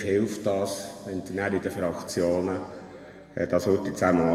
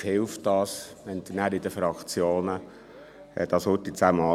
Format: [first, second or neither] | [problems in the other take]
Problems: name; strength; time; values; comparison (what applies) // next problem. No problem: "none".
second | room echo; dies away in 1.6 s